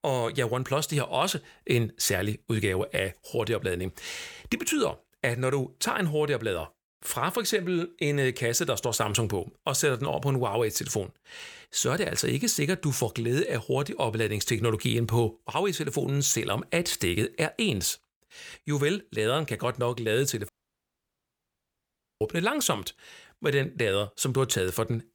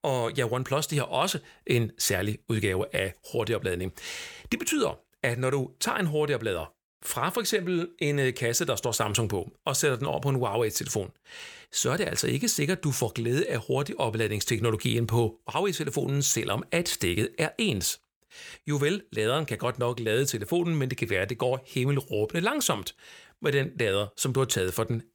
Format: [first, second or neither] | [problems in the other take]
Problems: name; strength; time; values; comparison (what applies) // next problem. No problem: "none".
second | audio cutting out; at 20 s for 1.5 s